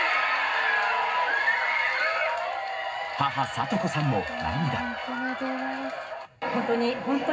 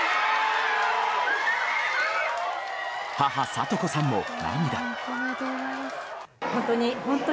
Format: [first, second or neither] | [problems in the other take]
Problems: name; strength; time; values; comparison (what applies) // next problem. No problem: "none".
second | room echo; dies away in 0.4 s